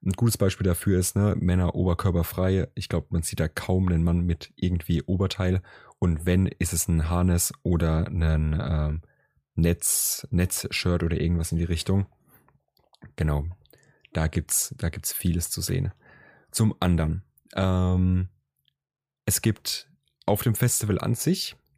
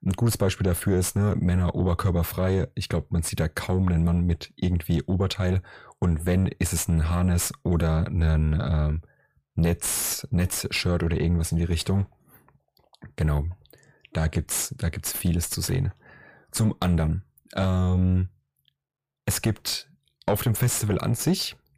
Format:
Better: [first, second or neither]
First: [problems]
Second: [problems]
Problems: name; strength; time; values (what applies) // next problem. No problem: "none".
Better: first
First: none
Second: distortion; slight; 10 dB below the speech